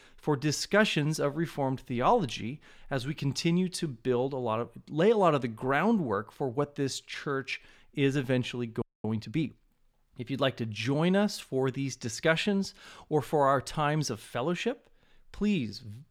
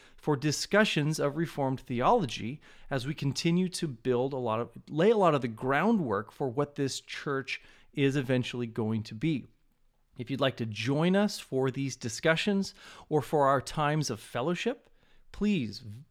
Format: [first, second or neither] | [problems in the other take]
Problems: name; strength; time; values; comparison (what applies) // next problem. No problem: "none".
second | audio freezing; at 9 s